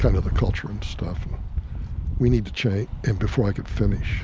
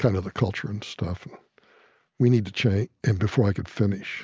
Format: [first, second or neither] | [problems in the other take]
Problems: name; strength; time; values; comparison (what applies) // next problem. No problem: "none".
second | background sound (Rattle); 1 dB below the speech